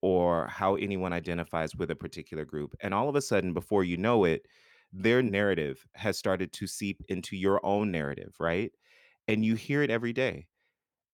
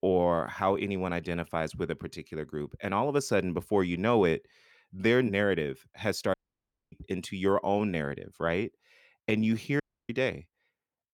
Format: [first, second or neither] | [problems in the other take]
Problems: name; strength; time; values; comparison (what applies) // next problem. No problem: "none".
first | audio cutting out; at 6.5 s for 0.5 s and at 10 s